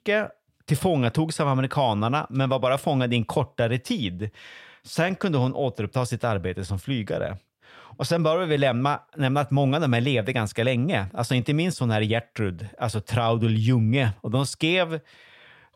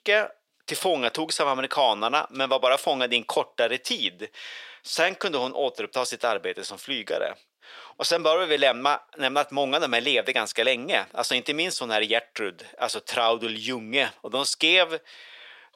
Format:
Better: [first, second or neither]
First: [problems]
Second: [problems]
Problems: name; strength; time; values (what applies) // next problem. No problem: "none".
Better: first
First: none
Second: thin; very; fading below 400 Hz